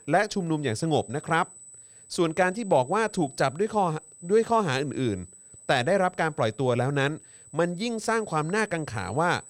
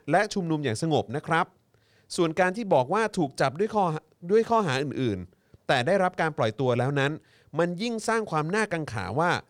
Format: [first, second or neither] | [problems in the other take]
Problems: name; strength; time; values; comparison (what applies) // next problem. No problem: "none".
second | high-pitched whine; faint; throughout; 8 kHz, 20 dB below the speech